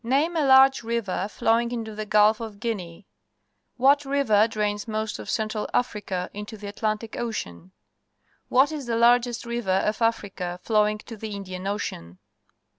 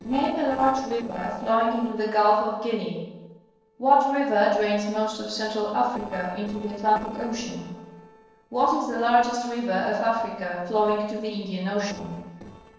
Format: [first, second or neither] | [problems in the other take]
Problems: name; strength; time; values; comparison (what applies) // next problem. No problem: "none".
first | noise reduction (neural separator model SepFormer DNS4)